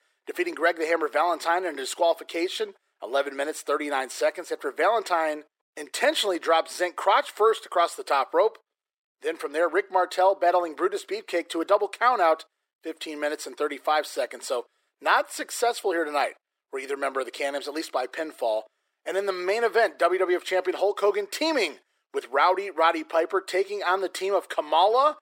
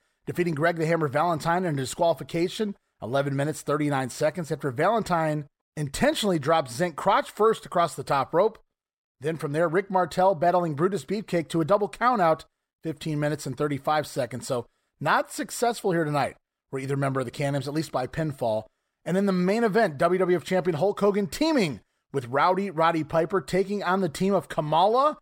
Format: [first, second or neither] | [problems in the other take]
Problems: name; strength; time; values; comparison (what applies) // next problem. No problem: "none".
second | thin; very; fading below 350 Hz